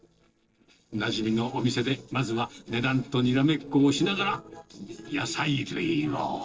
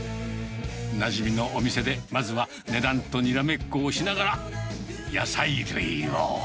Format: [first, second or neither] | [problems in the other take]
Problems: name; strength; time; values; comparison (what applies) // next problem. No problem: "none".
second | noise reduction (neural separator model SepFormer DNS4)